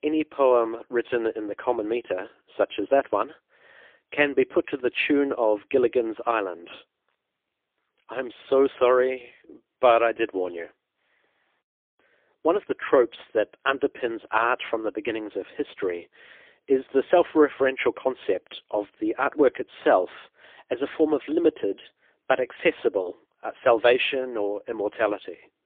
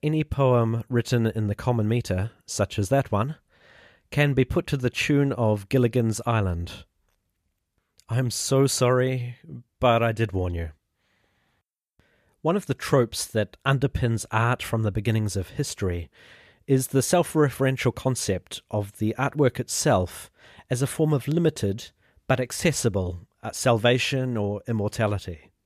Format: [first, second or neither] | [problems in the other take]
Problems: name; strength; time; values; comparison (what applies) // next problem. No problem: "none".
second | phone-call audio; poor line; nothing above 3.5 kHz